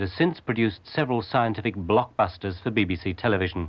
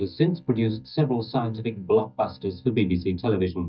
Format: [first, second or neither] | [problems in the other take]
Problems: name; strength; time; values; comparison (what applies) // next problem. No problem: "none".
first | noise reduction (neural mask model DeepFilterNet 3)